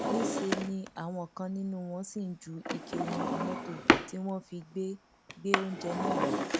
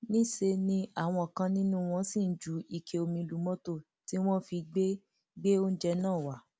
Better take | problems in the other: second | background sound (Drawer open or close); 3 dB above the speech

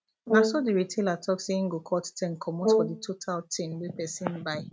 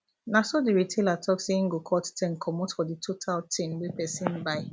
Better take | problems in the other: second | noise reduction (neural mask model RNNoise)

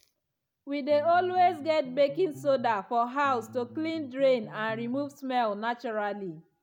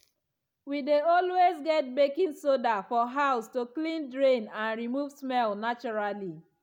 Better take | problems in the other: second | background sound (Bass guitar); 19 dB below the speech

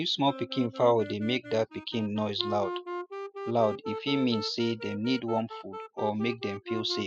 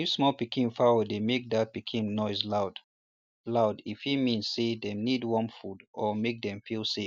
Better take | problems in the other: second | noise reduction (classical method spectral subtraction)

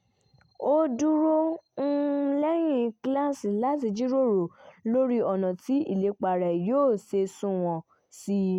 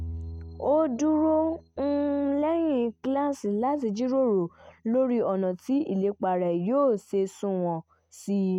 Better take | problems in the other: first | noise reduction (neural mask model RNNoise)

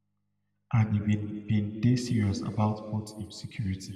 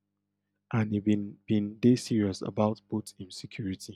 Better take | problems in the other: second | room echo; dies away in 1.7 s

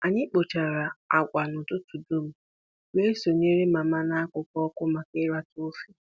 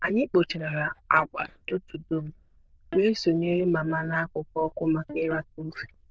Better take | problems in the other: first | noise reduction (neural diffusion model UNIVERSE++)

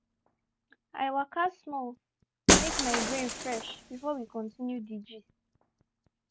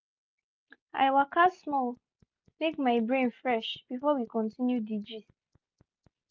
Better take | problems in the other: second | background sound (Shatter); 3 dB above the speech

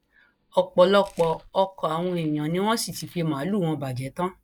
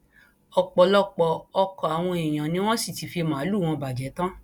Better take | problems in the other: second | noise reduction (neural mask model DeepFilterNet 3)

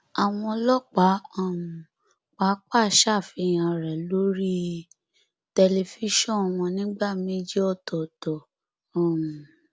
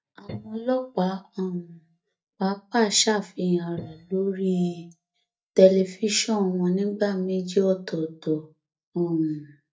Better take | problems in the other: first | noise reduction (neural mask model DeepFilterNet 3)

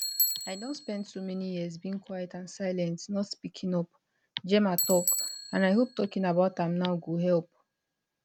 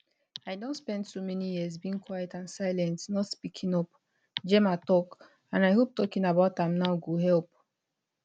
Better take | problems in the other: second | background sound (Bicycle); 8 dB below the speech

